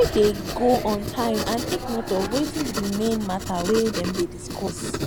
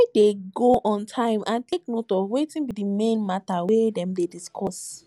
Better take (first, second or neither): second